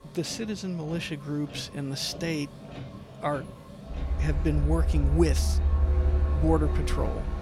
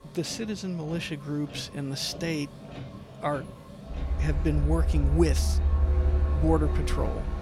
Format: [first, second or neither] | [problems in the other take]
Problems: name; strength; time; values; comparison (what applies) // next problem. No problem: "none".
neither | traffic noise; very loud; throughout; 3 dB above the speech; the same in both